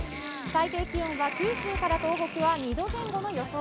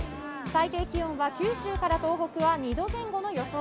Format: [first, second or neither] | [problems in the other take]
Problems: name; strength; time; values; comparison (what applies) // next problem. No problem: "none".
second | background sound (Sink (filling or washing)); 10 dB below the speech